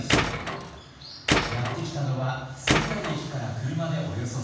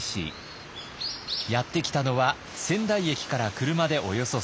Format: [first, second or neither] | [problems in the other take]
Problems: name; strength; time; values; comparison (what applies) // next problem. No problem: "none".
second | background sound (Tools); 3 dB above the speech // room echo; dies away in 1.2 s